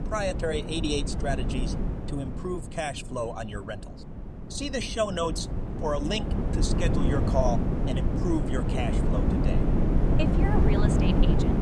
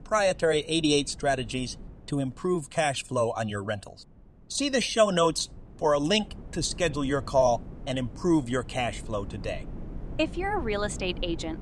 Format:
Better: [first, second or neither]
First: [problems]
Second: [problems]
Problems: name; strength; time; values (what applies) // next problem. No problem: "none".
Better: second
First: wind noise on the microphone; heavy; 2 dB below the speech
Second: wind noise on the microphone; occasional gusts; 25 dB below the speech